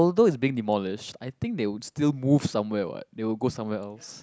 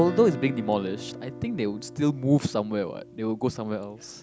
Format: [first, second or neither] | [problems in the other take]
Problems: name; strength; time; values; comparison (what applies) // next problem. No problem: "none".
first | background sound (Guitar); 12 dB below the speech